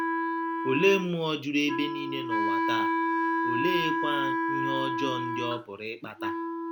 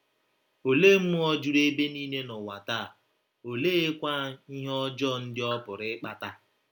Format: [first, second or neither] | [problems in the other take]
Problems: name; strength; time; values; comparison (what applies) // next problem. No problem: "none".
second | background sound (Wind instrument, woodwind instrument); 2 dB above the speech